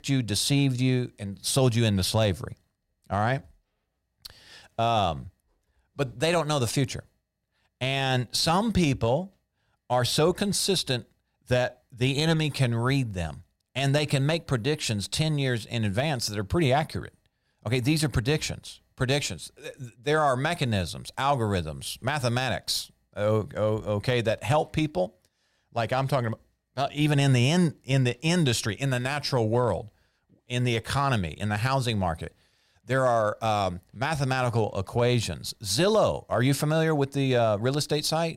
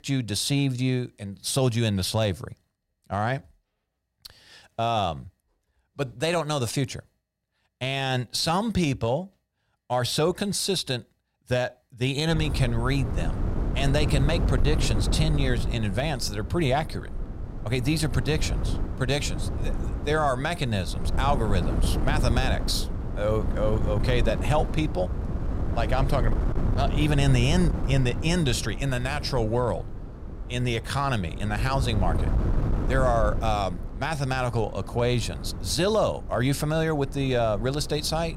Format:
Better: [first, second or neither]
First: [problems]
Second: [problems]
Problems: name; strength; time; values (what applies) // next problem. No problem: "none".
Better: first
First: none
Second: wind noise on the microphone; occasional gusts; from 12 s on; 10 dB below the speech